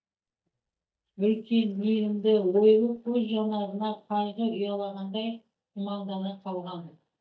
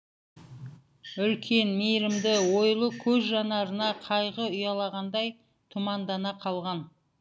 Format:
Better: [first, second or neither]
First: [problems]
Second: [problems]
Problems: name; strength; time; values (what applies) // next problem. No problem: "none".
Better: second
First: noise reduction (neural mask model DeepFilterNet 3)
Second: none